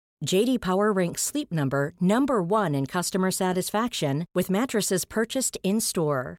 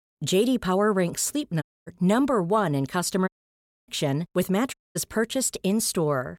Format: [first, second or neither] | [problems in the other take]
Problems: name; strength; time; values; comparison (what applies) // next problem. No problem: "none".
first | audio cutting out; at 1.5 s, at 3.5 s for 0.5 s and at 4.5 s